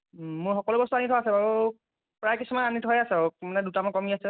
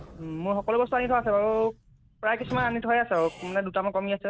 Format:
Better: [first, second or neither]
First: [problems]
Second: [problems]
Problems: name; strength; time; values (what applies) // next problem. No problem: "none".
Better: first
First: none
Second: background sound (Squeak / Sliding door); 18 dB below the speech